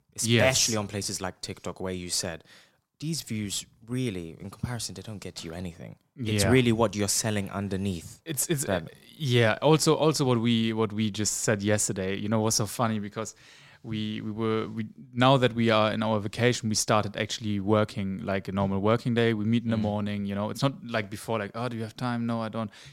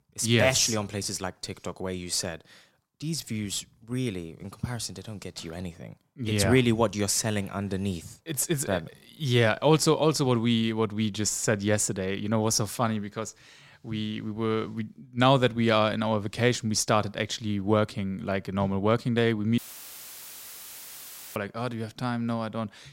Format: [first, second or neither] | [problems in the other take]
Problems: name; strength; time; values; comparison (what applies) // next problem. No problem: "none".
first | audio cutting out; filled with static; at 20 s for 2 s